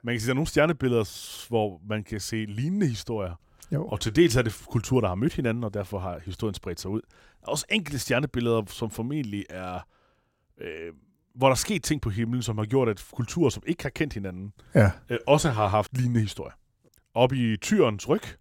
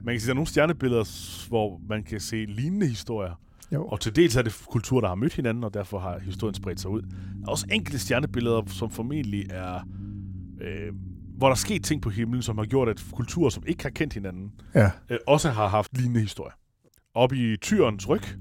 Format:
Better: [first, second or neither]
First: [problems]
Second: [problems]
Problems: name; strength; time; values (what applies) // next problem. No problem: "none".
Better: first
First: none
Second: low rumble; faint; throughout; 20 dB below the speech